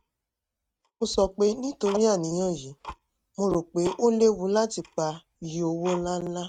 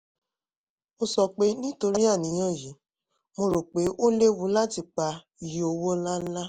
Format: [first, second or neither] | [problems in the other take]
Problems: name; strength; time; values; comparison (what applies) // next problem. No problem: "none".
second | noise reduction (neural mask model RNNoise)